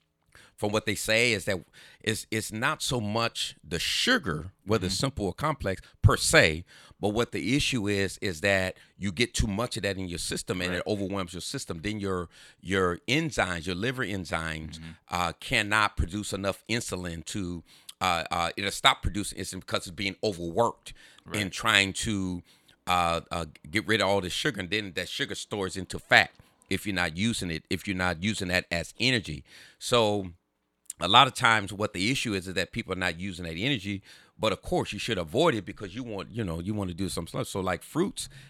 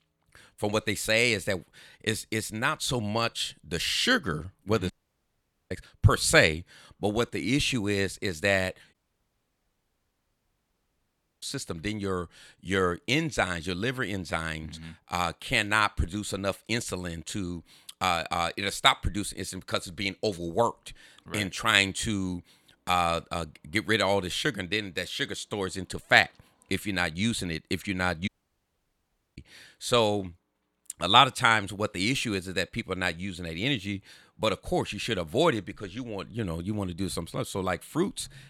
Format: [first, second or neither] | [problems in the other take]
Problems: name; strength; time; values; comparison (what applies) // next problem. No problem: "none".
first | audio cutting out; at 5 s for 1 s, at 9 s for 2.5 s and at 28 s for 1 s